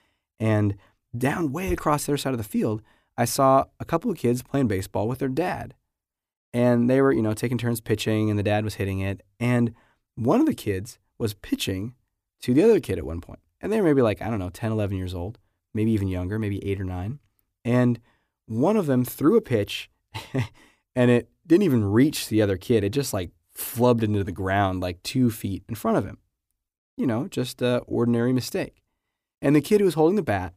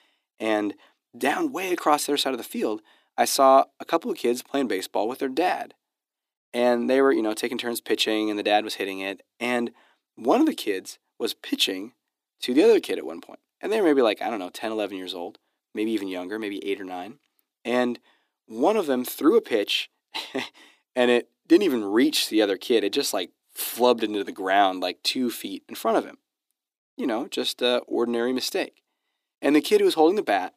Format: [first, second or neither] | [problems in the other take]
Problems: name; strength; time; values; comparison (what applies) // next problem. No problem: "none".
first | thin; somewhat; fading below 300 Hz